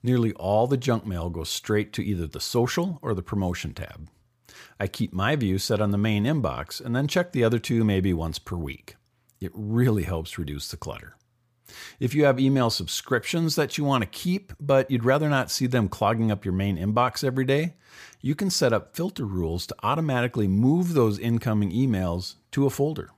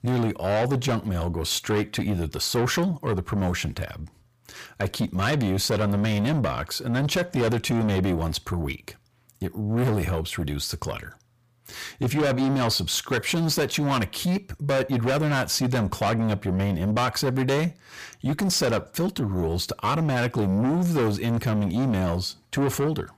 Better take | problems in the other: first | distortion; heavy; 7 dB below the speech

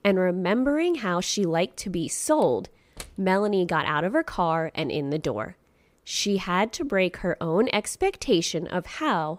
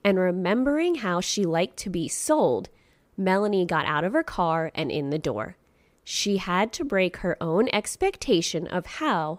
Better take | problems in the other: second | door banging; faint; at 2.5 s; peak 15 dB below the speech

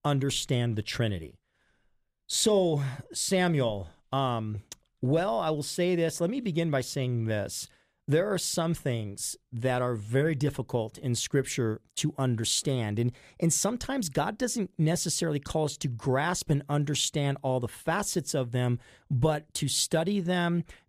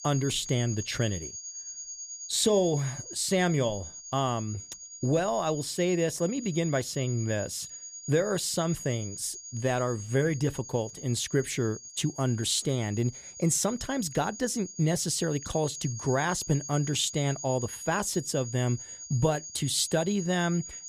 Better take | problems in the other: first | high-pitched whine; noticeable; throughout; 6.5 kHz, 10 dB below the speech

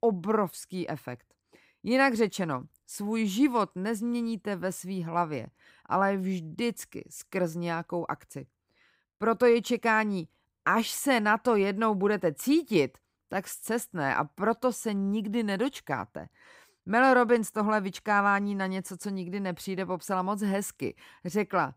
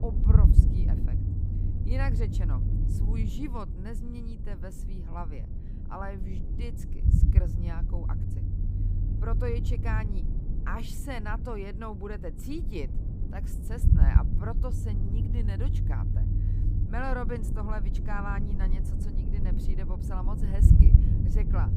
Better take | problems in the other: first | low rumble; loud; throughout; 3 dB below the speech

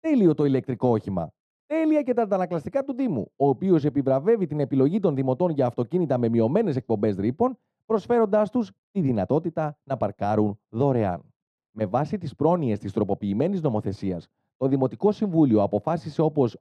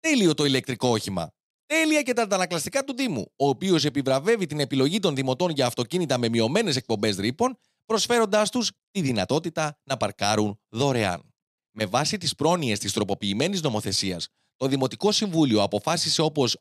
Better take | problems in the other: second | muffled; very; fading above 2 kHz

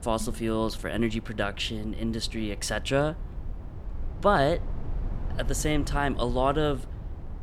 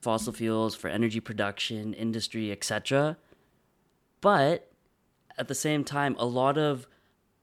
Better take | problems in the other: second | low rumble; faint; throughout; 20 dB below the speech

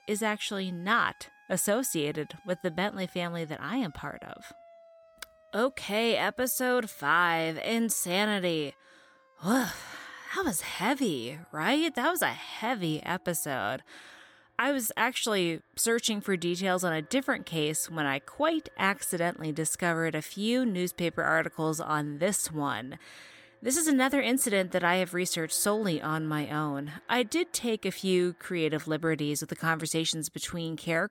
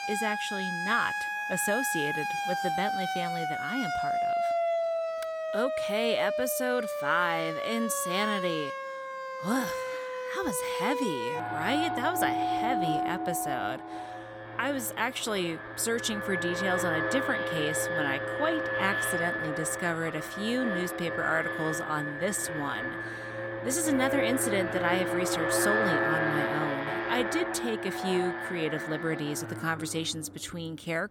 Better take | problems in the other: first | alarms or sirens; loud; throughout; as loud as the speech; faint in the first

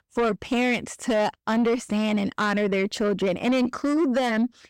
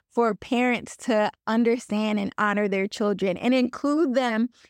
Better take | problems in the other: second | distortion; slight; 10 dB below the speech

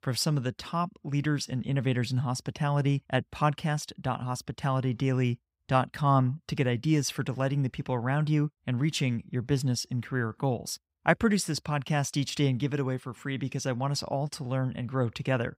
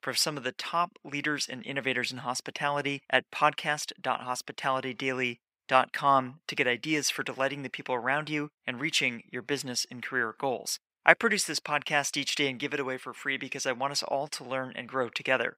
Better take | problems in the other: first | thin; somewhat; fading below 400 Hz

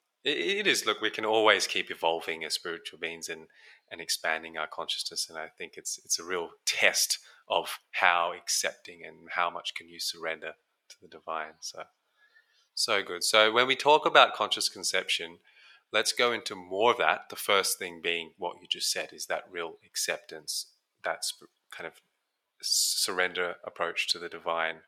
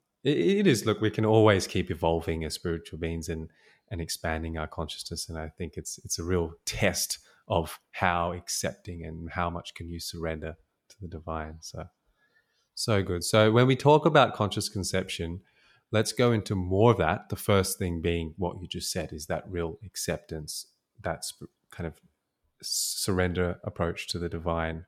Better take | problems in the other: second | thin; very; fading below 550 Hz

